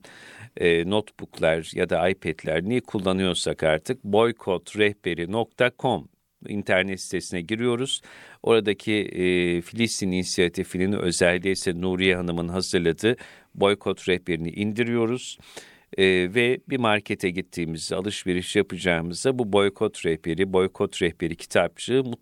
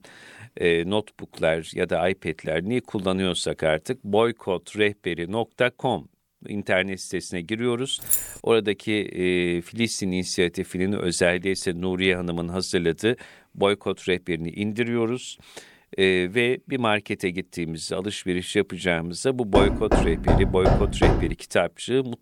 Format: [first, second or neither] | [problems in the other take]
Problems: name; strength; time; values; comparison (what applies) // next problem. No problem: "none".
first | jangling keys; loud; at 8 s; peak 2 dB above the speech // door banging; loud; from 20 to 21 s; peak 3 dB above the speech